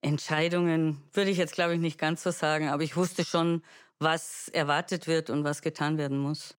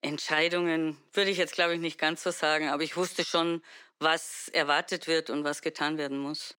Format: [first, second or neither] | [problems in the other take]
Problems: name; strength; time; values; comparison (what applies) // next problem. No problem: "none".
first | thin; somewhat; fading below 250 Hz